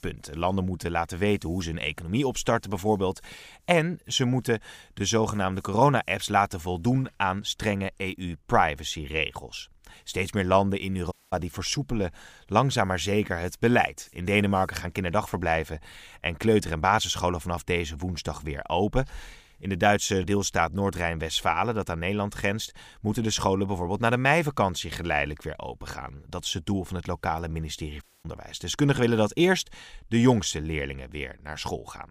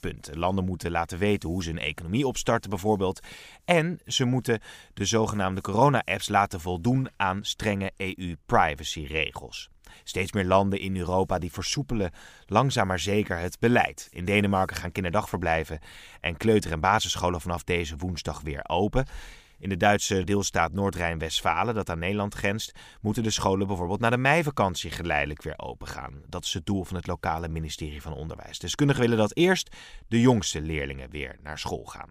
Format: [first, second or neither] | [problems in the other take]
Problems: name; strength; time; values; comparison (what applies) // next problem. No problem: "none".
second | audio cutting out; at 11 s and at 28 s